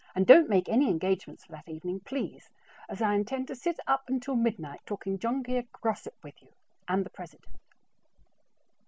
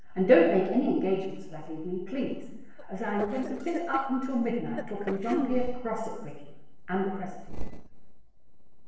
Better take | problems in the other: first | noise reduction (neural separator model SepFormer DNS4)

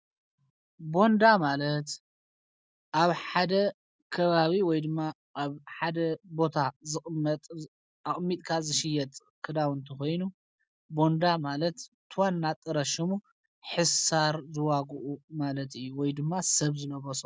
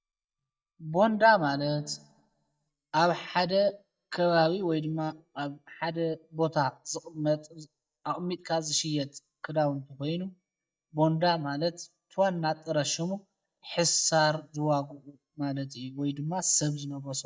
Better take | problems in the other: first | noise reduction (neural mask model DeepFilterNet 3)

